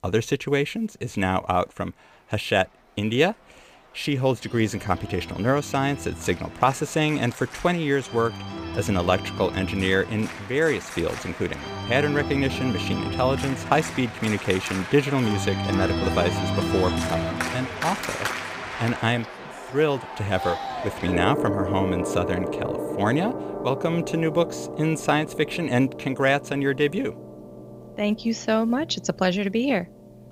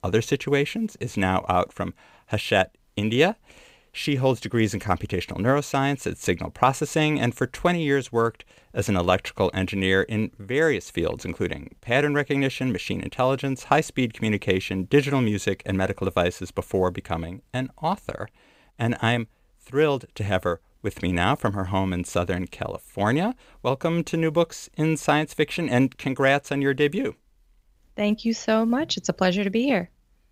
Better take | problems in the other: second | background music; loud; throughout; 6 dB below the speech

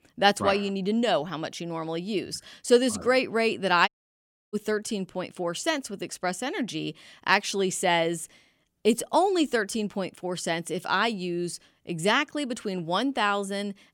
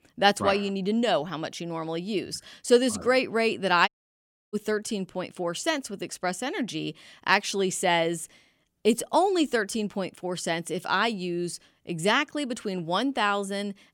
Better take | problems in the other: neither | audio cutting out; at 4 s for 0.5 s; the same in both

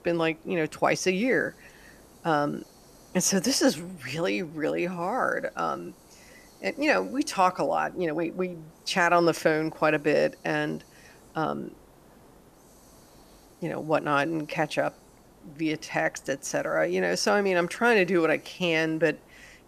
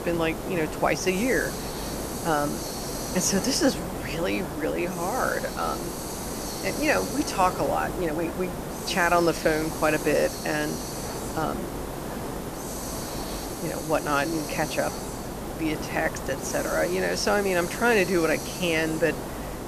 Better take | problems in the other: first | hiss; loud; throughout; 6 dB below the speech; faint in the first

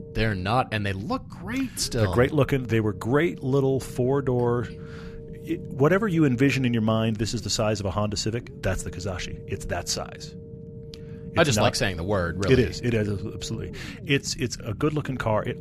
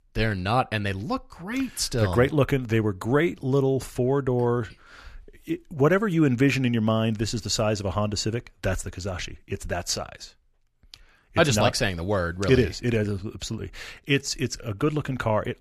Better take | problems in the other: second | low rumble; noticeable; throughout; 20 dB below the speech

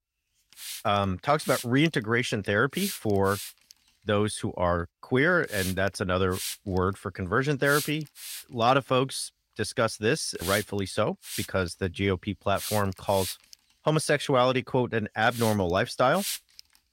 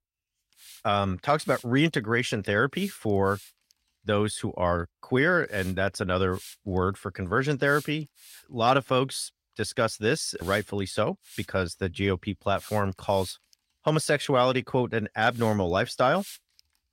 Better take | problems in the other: second | hiss; loud; throughout; 10 dB below the speech; faint in the second

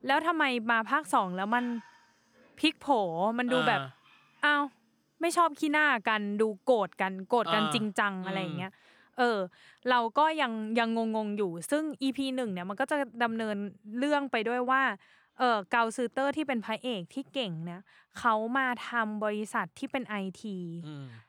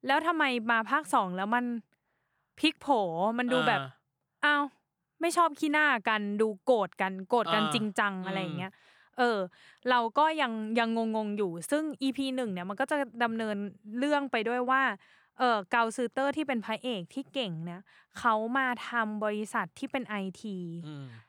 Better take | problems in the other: second | animal sounds; faint; throughout; 30 dB below the speech

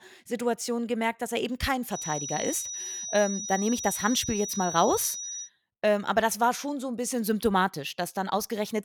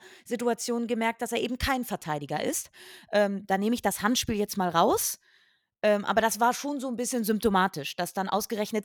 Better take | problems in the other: second | high-pitched whine; loud; from 2 to 5.5 s; 6 kHz, 5 dB below the speech

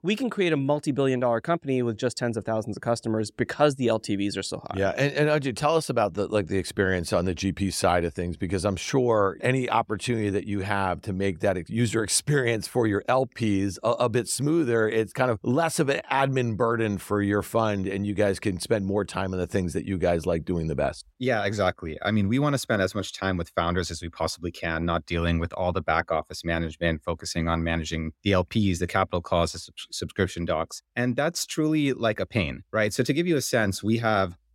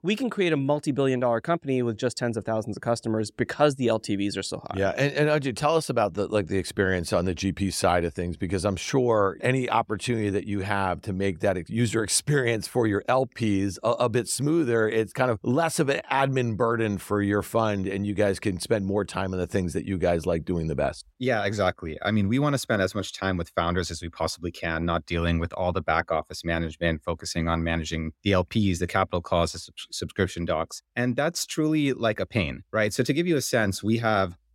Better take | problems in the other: neither | none

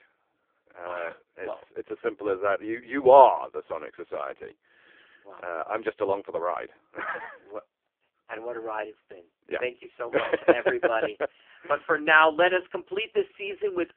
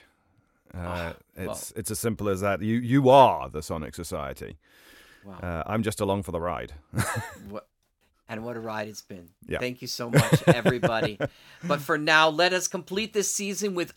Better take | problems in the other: second | phone-call audio; poor line; nothing above 3 kHz

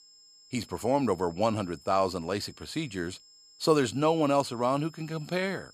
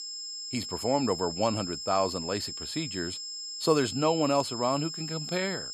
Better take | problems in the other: first | high-pitched whine; loud; throughout; 5 kHz, 6 dB below the speech; faint in the first

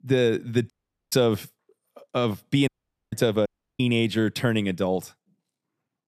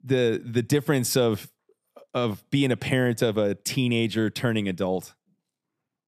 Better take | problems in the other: second | audio cutting out; at 0.5 s, at 2.5 s and at 3.5 s

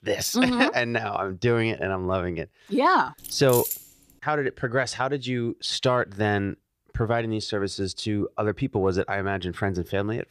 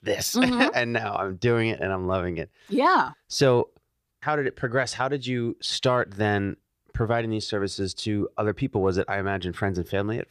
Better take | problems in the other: second | jangling keys; noticeable; at 3 s; peak 3 dB below the speech

